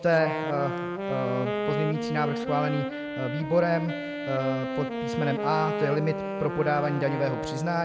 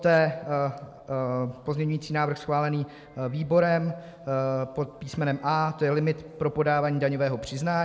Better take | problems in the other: second | background sound (Wind instrument, woodwind instrument); 3 dB below the speech

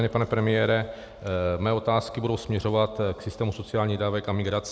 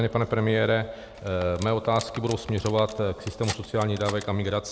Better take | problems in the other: first | background sound (Cutlery, silverware); 15 dB below the speech

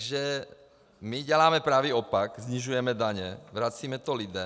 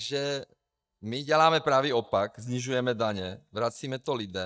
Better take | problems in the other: first | noise reduction (neural mask model DeepFilterNet 3)

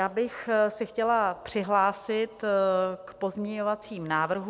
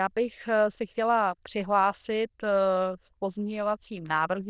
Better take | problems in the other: first | noise reduction (neural diffusion model UNIVERSE++)

